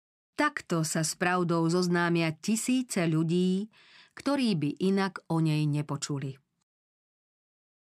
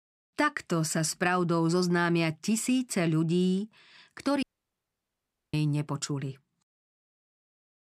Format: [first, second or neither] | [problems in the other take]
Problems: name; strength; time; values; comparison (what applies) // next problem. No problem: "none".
first | audio cutting out; at 4.5 s for 1 s